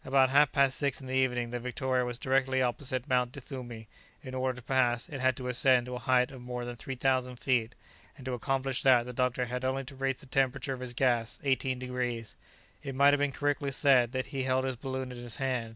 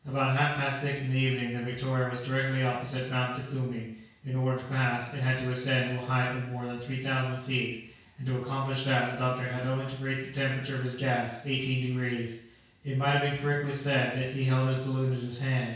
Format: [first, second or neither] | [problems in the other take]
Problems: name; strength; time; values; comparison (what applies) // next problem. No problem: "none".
first | room echo; dies away in 0.6 s